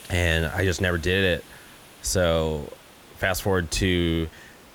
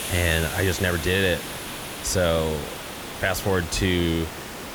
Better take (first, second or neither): first